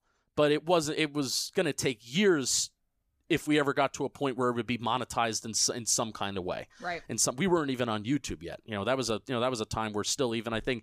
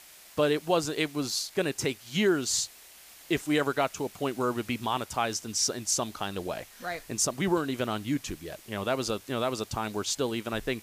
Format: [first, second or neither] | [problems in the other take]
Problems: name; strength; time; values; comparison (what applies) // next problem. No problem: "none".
first | hiss; noticeable; throughout; 20 dB below the speech